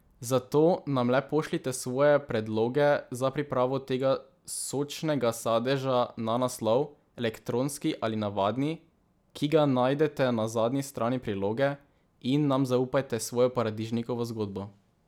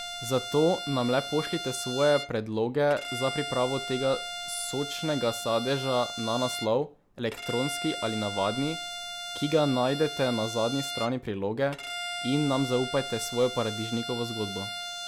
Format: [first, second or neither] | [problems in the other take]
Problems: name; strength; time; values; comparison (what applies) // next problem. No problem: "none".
first | background sound (Bowed string instrument); 8 dB below the speech